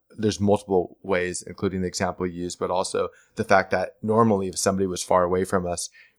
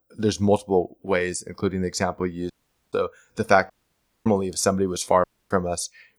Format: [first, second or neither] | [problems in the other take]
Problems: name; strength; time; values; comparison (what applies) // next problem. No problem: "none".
first | audio cutting out; at 2.5 s, at 3.5 s for 0.5 s and at 5 s